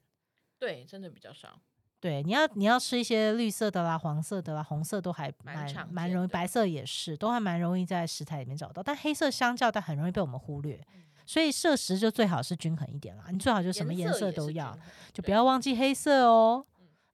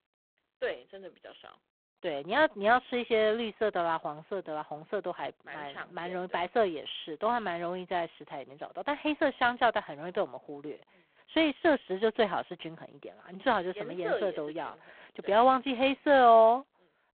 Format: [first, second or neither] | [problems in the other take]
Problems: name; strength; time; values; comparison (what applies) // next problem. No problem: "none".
first | phone-call audio; poor line